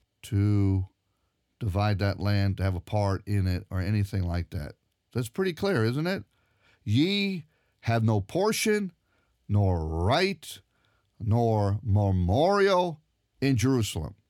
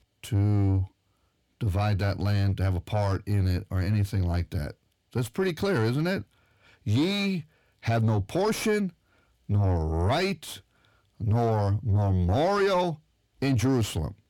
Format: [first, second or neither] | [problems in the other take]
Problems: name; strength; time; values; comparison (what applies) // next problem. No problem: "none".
first | distortion; slight; 10 dB below the speech